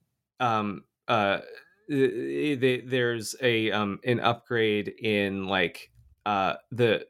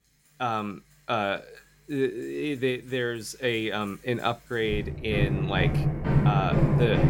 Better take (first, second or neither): first